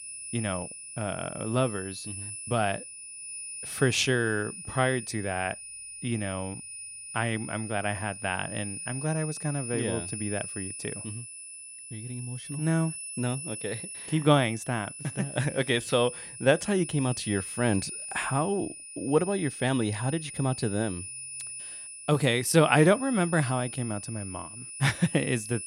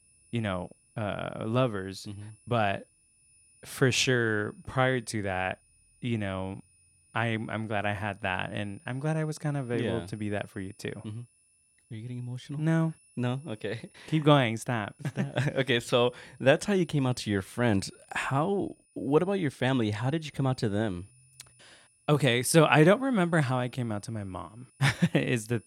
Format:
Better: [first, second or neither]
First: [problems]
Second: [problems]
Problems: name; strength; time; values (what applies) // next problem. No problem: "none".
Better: second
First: high-pitched whine; loud; throughout; 9.5 kHz, 9 dB below the speech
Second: high-pitched whine; faint; throughout; 9.5 kHz, 30 dB below the speech